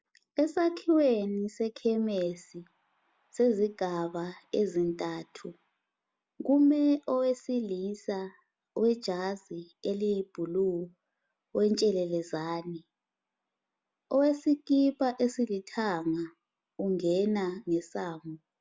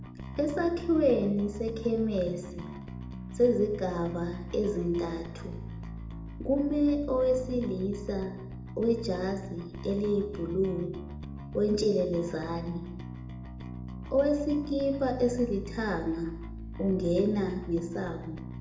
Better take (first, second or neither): first